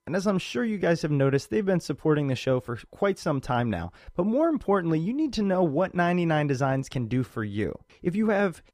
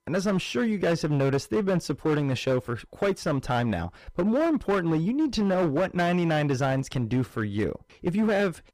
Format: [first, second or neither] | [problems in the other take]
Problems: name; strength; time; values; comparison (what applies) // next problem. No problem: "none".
first | distortion; slight; 12% of the sound clipped